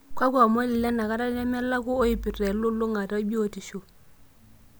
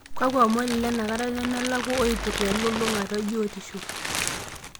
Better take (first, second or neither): first